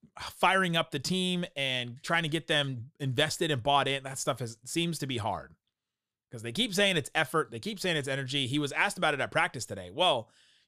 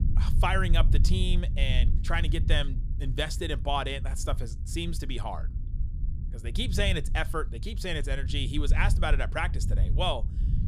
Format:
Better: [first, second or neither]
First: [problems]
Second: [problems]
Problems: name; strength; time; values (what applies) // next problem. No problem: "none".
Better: first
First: none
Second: low rumble; noticeable; throughout; 15 dB below the speech